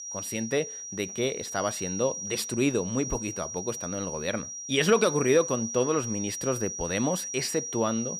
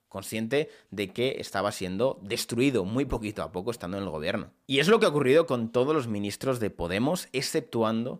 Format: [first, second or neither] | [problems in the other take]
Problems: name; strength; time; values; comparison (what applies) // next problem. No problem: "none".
second | high-pitched whine; loud; throughout; 5.5 kHz, 5 dB below the speech